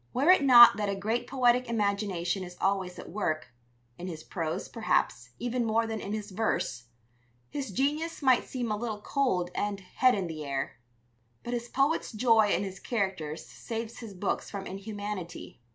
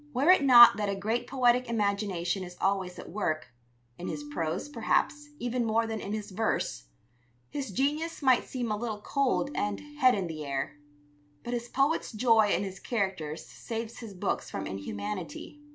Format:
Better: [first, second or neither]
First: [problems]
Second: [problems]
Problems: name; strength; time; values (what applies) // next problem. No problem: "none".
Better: first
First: none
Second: background sound (Marimba, xylophone); 18 dB below the speech